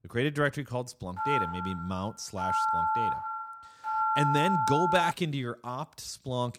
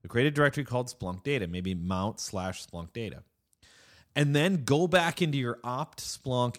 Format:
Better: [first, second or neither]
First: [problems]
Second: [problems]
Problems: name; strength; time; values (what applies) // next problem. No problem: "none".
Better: second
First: phone ringing; loud; from 1 to 5 s; peak 5 dB above the speech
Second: none